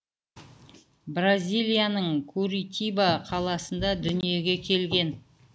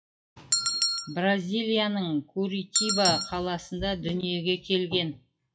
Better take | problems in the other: first | noise reduction (classical method WPE with log-MMSE)

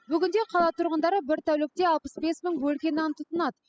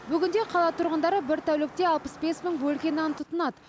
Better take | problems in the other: second | noise reduction (classical method spectral subtraction)

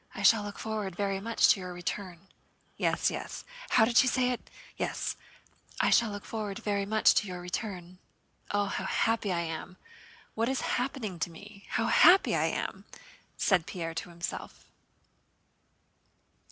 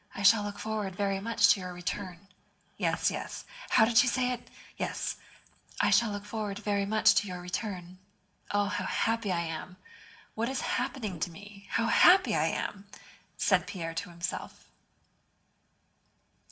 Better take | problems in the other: first | background sound (Whoosh, swoosh, swish); 14 dB below the speech // room echo; dies away in 0.3 s

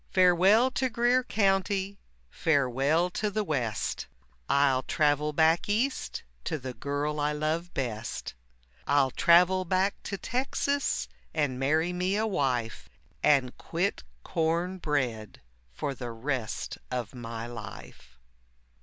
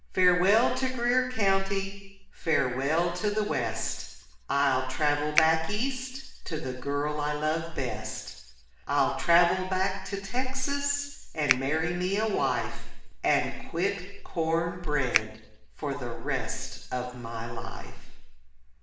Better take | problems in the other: first | background sound (Finger snapping); 3 dB below the speech // room echo; dies away in 0.9 s

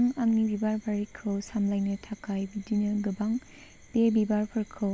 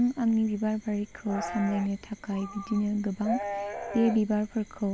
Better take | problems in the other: first | background sound (Livestock, farm animals, working animals); 9 dB below the speech

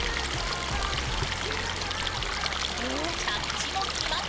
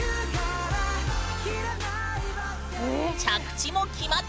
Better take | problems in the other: second | background sound (Stream); 2 dB above the speech

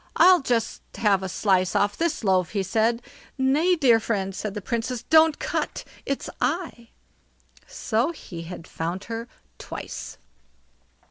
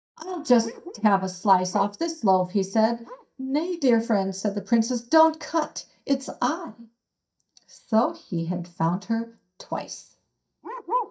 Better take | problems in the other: first | noise reduction (neural mask model DeepFilterNet 3)

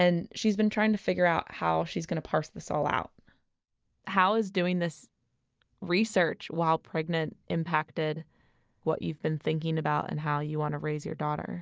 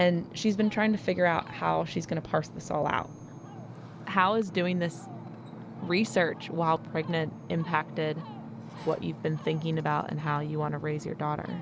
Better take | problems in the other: first | background sound (Ocean); 13 dB below the speech

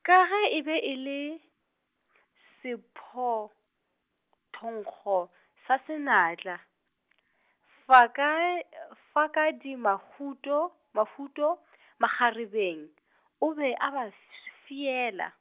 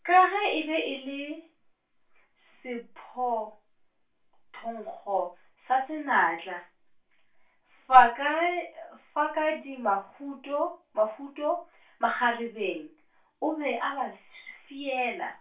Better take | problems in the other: first | room echo; dies away in 0.2 s

